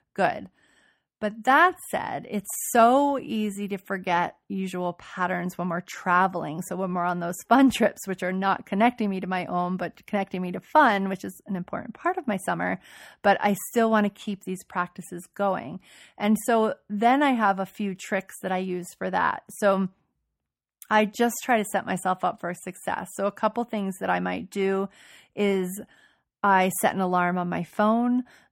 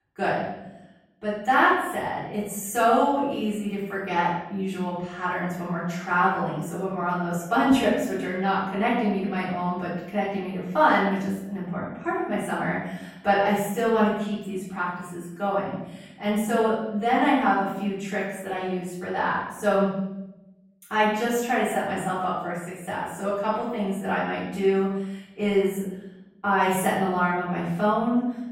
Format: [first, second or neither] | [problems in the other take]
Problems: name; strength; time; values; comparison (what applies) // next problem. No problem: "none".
first | off-mic speech; far // room echo; noticeable; dies away in 0.8 s